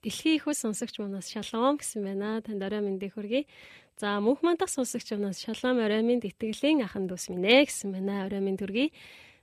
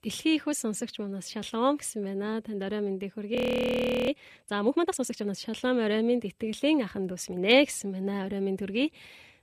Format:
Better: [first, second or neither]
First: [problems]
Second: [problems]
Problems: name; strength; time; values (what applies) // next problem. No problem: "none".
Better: first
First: none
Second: audio freezing; at 3.5 s for 0.5 s